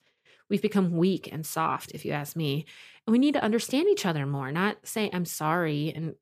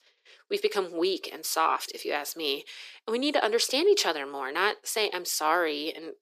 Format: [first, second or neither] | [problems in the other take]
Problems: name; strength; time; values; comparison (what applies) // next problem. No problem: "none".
first | thin; very; fading below 350 Hz